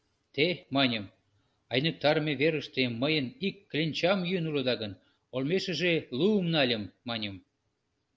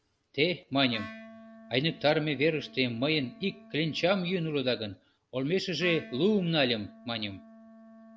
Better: first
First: none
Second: background sound (Wind instrument, woodwind instrument); 20 dB below the speech

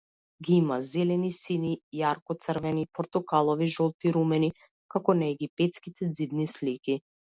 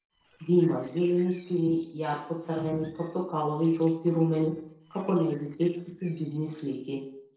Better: first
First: none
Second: noise reduction (neural separator model SepFormer DNS4)

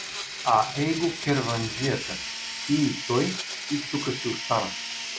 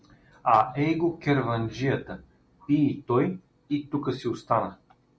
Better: second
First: background sound (Domestic sounds, home sounds); 6 dB below the speech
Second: none

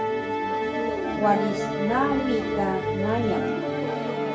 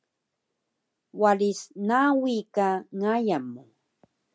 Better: second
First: background sound (Musical instrument); 1 dB above the speech // room echo; dies away in 0.3 s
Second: none

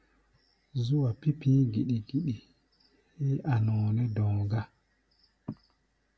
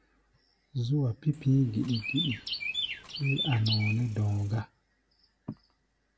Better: first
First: none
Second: background sound (Chirp, tweet); 6 dB below the speech

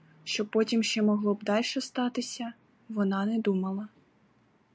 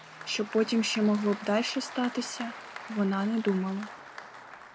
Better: first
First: none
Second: background sound (Applause); 14 dB below the speech

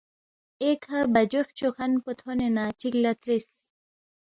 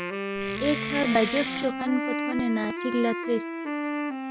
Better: first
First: none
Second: background sound (Wood + Wind instrument, woodwind instrument); 2 dB below the speech

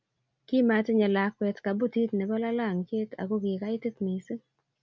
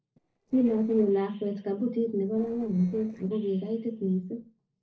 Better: first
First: none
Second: noise reduction (neural separator model SepFormer DNS4)

